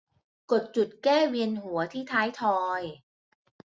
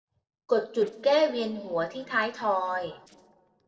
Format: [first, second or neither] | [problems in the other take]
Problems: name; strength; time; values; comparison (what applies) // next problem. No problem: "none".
first | noise reduction (neural separator model SepFormer DNS4)